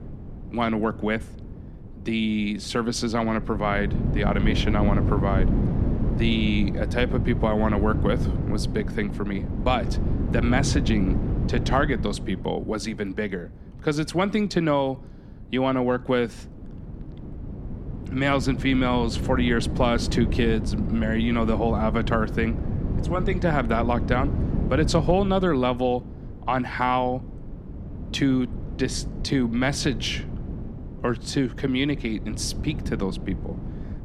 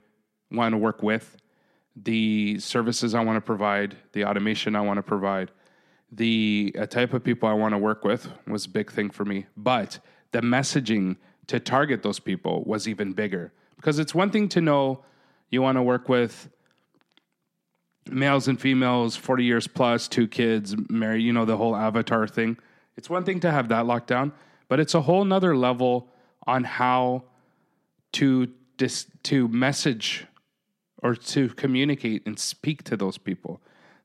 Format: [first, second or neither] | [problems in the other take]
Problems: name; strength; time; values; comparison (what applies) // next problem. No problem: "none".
second | wind noise on the microphone; occasional gusts; 10 dB below the speech